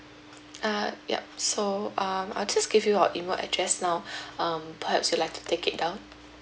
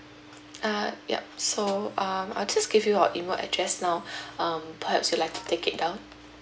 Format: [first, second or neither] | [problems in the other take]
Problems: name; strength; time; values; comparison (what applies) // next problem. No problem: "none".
first | background sound (Snare drum); 19 dB below the speech // room echo; dies away in 0.5 s